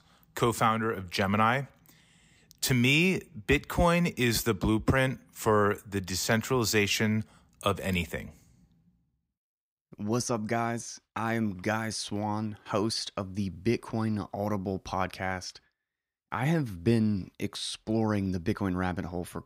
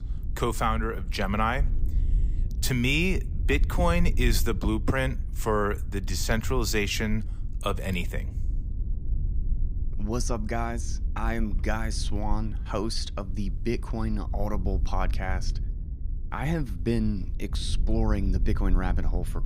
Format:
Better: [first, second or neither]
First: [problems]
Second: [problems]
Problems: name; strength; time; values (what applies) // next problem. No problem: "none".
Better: first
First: none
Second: wind noise on the microphone; occasional gusts; 20 dB below the speech